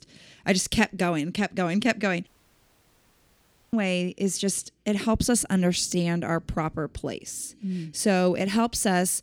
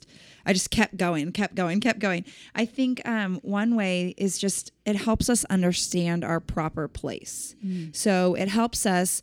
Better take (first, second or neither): second